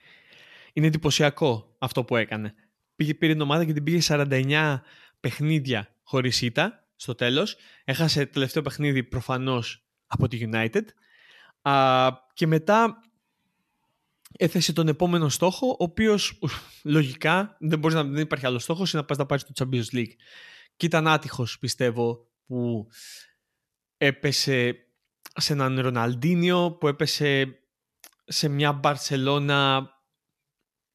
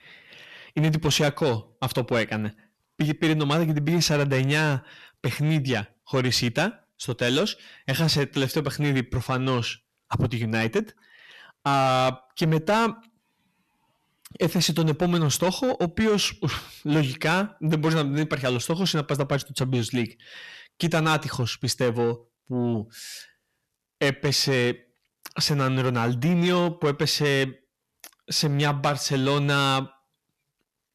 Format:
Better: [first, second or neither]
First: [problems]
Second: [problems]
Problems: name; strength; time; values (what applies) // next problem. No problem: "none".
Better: first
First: none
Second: distortion; slight; 10 dB below the speech